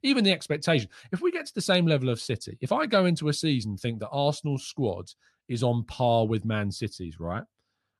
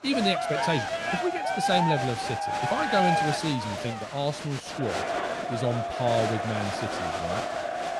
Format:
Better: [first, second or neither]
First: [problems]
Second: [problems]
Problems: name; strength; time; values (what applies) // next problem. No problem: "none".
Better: first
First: none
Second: crowd noise; very loud; throughout; 1 dB above the speech